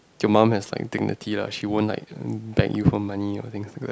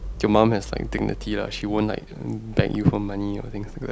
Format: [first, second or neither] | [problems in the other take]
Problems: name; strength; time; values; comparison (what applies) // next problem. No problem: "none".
first | background sound (Idling / Engine starting / Motor vehicle (road)); 12 dB below the speech